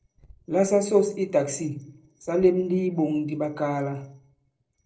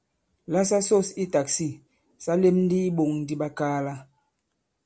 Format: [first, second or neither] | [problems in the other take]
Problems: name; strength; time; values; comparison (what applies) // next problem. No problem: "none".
second | noise reduction (neural separator model SepFormer DNS4)